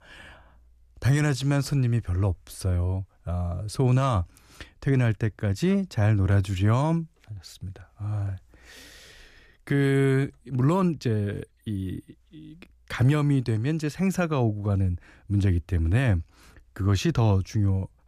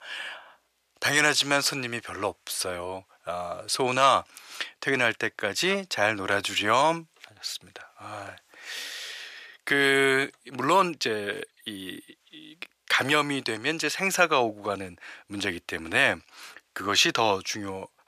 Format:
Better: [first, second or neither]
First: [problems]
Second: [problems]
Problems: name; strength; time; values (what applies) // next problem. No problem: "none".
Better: first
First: none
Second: thin; very; fading below 600 Hz